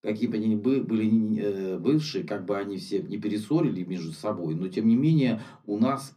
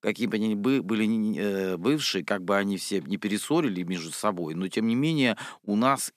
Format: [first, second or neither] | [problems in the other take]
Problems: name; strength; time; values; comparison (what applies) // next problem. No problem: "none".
second | room echo; very slight; dies away in 0.4 s // off-mic speech; somewhat distant